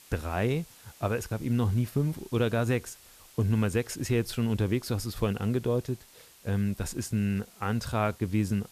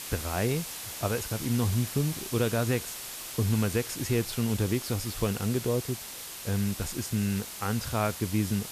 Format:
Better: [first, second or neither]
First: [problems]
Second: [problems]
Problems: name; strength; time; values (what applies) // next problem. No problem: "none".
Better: first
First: hiss; faint; throughout; 25 dB below the speech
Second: hiss; loud; throughout; 7 dB below the speech